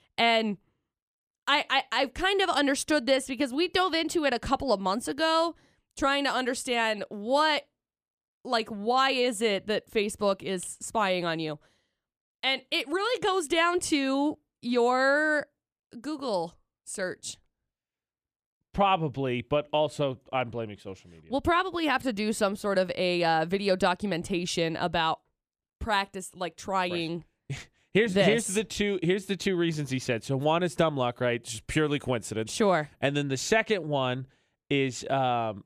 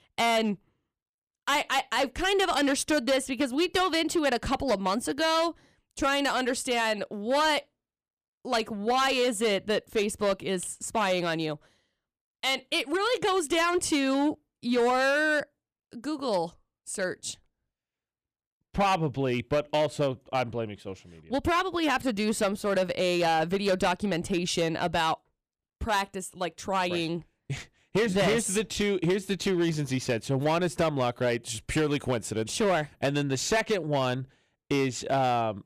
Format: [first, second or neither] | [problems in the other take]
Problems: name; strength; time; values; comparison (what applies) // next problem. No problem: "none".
first | distortion; slight; 7% of the sound clipped